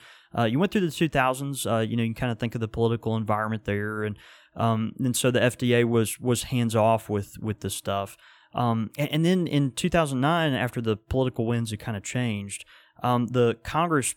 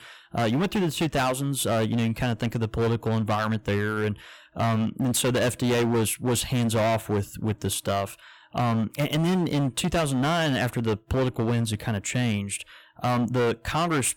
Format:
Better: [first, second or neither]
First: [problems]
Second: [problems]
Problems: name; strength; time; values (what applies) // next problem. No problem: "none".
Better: first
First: none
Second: distortion; heavy; 19% of the sound clipped